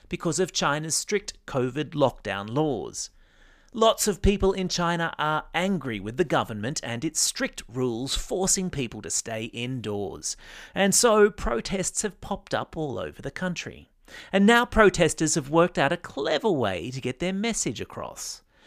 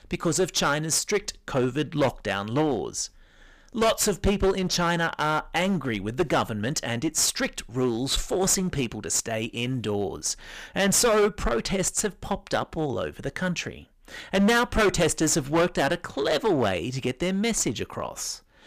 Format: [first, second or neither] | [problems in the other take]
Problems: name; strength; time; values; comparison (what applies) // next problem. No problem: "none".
first | distortion; heavy; 9% of the sound clipped